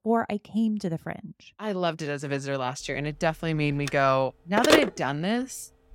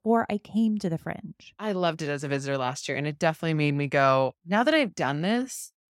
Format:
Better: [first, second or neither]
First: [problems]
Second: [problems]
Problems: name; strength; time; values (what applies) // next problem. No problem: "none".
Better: second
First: phone ringing; loud; from 4 to 5 s; peak 5 dB above the speech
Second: none